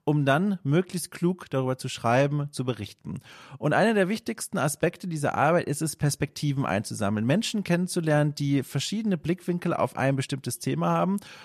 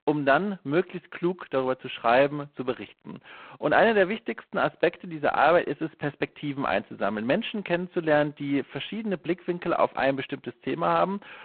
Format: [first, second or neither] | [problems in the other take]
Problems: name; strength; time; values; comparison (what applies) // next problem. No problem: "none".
first | phone-call audio; poor line; nothing above 4 kHz